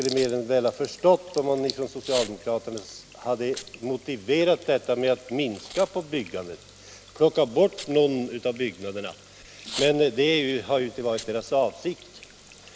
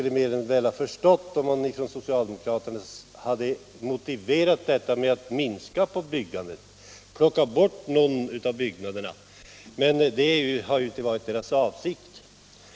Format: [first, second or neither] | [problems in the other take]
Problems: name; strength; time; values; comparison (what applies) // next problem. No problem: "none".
second | background sound (Packing tape, duct tape / Tearing + Sink (filling or washing) / Water tap, faucet); 17 dB below the speech